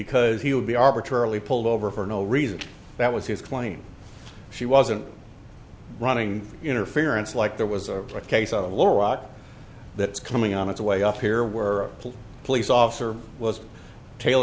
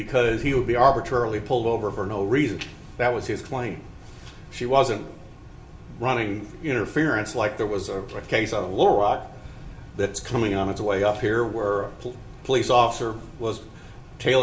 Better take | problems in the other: first | background sound (Thunder); 19 dB below the speech // room echo; dies away in 0.4 s

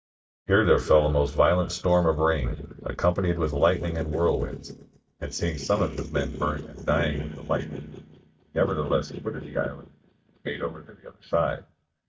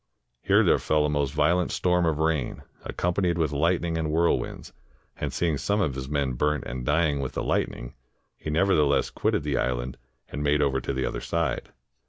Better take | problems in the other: second | noise reduction (neural mask model DeepFilterNet 3)

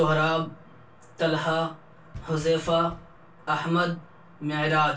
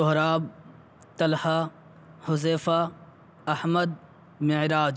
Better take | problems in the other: second | background sound (Knock); 19 dB below the speech // room echo; dies away in 0.2 s

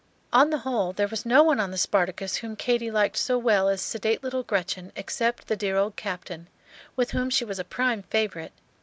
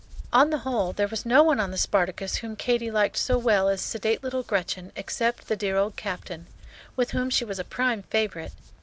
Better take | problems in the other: first | background sound (Hands); 16 dB below the speech

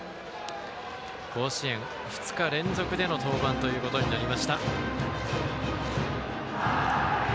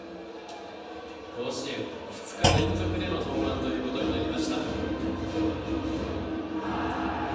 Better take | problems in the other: first | background sound (Thump, thud); 3 dB below the speech // room echo; dies away in 1.1 s

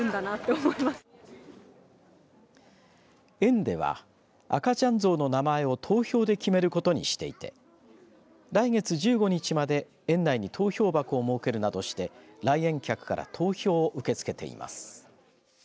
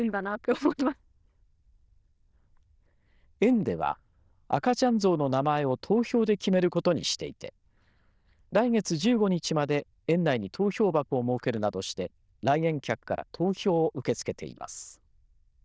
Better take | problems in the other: first | noise reduction (neural diffusion model UNIVERSE++)

